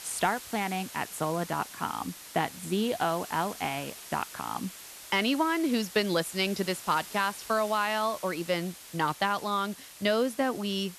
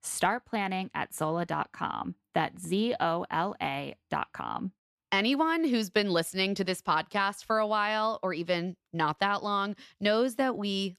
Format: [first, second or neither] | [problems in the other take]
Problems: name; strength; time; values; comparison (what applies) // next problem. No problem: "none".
second | hiss; noticeable; throughout; 15 dB below the speech